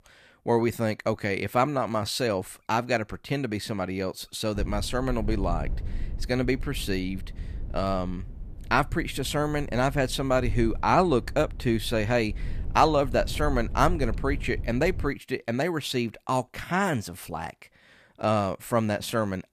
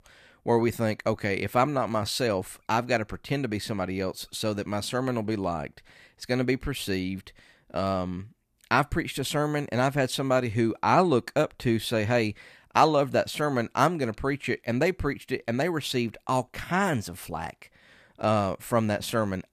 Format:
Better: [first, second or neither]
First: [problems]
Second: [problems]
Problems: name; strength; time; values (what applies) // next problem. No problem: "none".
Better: second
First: low rumble; faint; from 4.5 to 15 s; 25 dB below the speech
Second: none